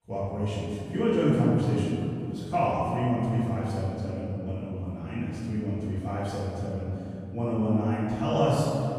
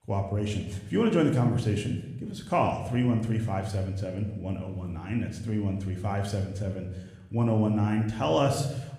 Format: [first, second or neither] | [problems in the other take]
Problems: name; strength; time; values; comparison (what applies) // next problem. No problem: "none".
second | room echo; strong; dies away in 2.7 s; slight in the second // off-mic speech; far